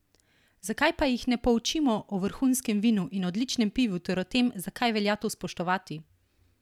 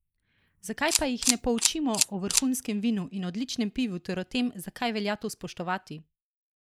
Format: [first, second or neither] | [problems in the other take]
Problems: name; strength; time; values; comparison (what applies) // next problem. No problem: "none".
first | noise reduction (neural mask model Resemble Enhance denoiser)